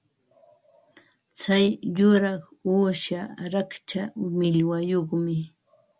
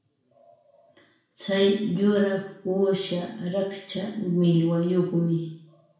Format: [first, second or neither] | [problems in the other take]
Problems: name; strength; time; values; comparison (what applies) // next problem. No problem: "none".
first | room echo; dies away in 0.6 s